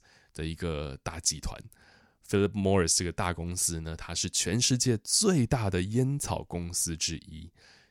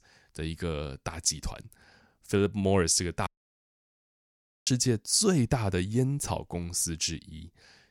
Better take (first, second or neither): first